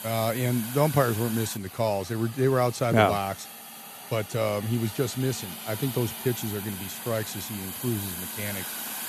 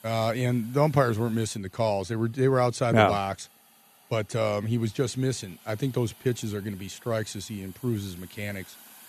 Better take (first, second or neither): second